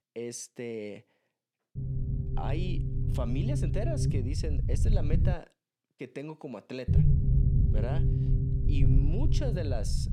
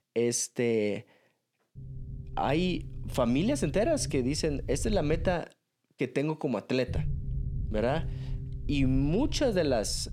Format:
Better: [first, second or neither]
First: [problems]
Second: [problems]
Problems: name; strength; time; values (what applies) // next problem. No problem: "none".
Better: second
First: low rumble; loud; from 2 to 5.5 s and from 7 s on; 2 dB below the speech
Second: low rumble; faint; from 2 to 5.5 s and from 7 s on; 20 dB below the speech